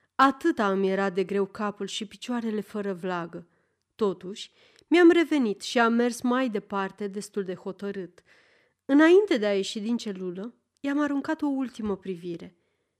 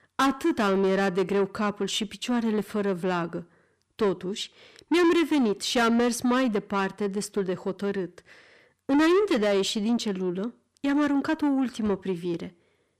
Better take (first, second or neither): first